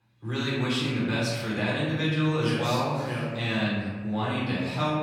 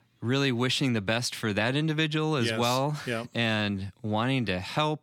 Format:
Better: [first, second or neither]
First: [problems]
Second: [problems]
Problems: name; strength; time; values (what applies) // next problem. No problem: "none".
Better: second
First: room echo; noticeable; dies away in 1.5 s // off-mic speech; far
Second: none